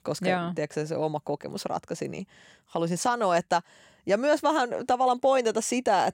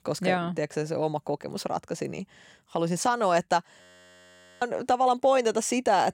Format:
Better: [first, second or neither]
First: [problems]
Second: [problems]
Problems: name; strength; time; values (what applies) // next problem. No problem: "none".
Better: first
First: none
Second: audio freezing; at 4 s for 1 s